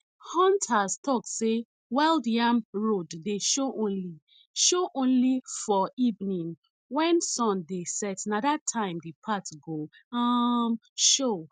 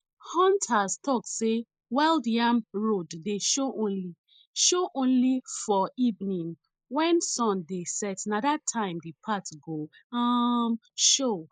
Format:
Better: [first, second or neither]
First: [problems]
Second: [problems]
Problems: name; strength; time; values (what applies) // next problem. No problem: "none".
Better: first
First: none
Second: noise reduction (neural mask model Resemble Enhance denoiser)